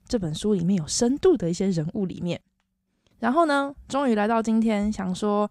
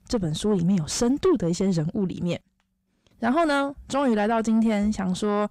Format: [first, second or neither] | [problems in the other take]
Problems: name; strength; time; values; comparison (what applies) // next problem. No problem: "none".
first | distortion; slight; 10 dB below the speech